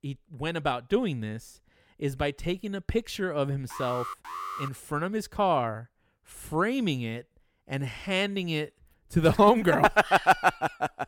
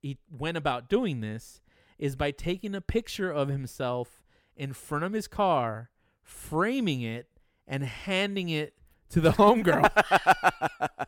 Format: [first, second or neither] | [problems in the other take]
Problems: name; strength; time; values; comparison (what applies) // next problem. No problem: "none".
second | alarm; noticeable; at 3.5 s; peak 8 dB below the speech